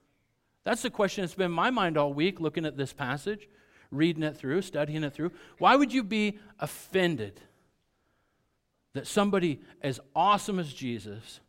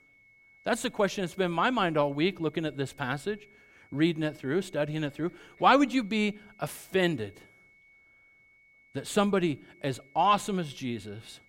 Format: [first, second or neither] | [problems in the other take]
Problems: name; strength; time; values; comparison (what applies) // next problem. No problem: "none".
first | high-pitched whine; faint; throughout; 2 kHz, 30 dB below the speech